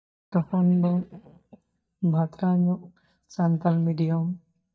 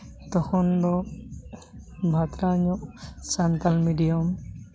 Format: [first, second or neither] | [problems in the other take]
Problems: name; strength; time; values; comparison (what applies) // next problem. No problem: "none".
second | noise reduction (neural mask model DeepFilterNet 3)